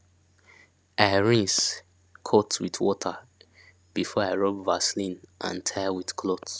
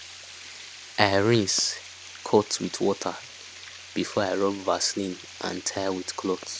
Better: first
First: none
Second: background sound (Water); 16 dB below the speech

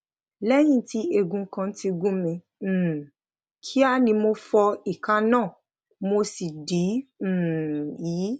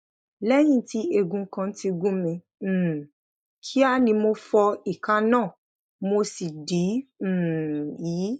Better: first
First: none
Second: noise reduction (neural mask model Resemble Enhance denoiser)

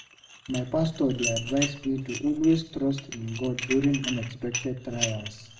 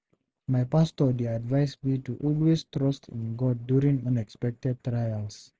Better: second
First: background sound (Dishes, pots, and pans); 9 dB below the speech // room echo; dies away in 0.7 s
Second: none

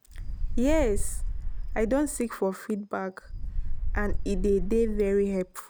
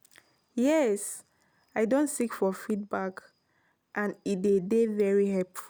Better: second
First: background sound (Wind); as loud as the speech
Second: none

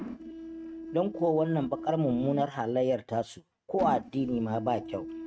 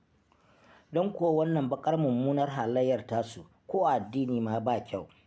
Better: second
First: noise reduction (neural mask model RNNoise)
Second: none

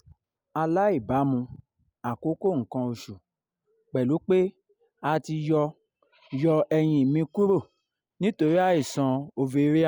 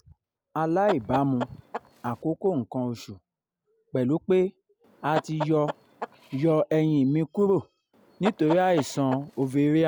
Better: first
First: none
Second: background sound (Chicken, rooster); 10 dB below the speech

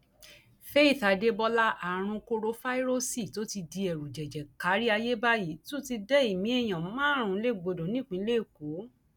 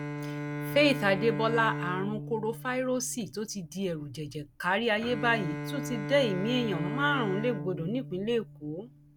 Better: first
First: none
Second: background sound (Bowed string instrument); 7 dB below the speech

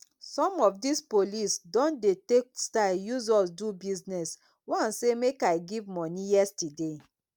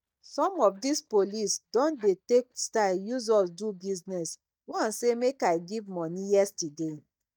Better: first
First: none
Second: noise reduction (neural mask model DeepFilterNet 3)

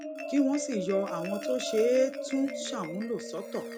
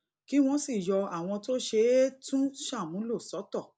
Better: second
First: background sound (Marimba, xylophone); 7 dB below the speech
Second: none

